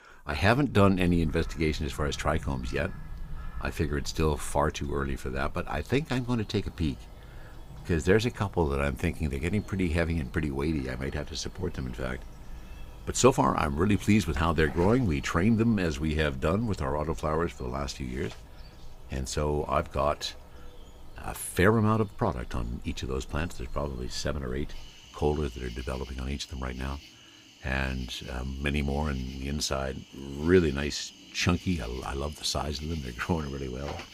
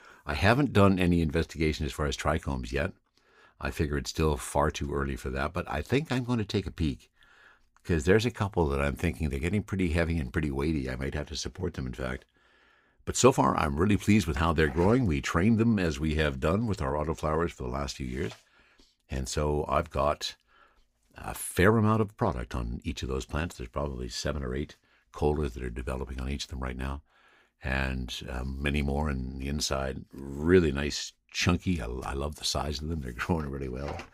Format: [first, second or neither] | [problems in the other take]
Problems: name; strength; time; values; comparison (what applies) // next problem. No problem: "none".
second | animal sounds; noticeable; throughout; 20 dB below the speech